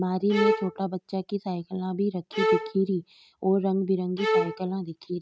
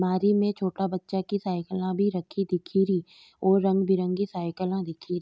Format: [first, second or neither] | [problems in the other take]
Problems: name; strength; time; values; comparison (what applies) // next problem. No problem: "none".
second | noise reduction (neural mask model RNNoise)